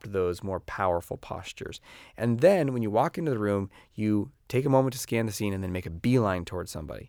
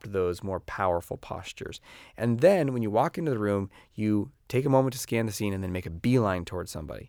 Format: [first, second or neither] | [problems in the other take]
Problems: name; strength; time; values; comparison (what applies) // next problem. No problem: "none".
neither | none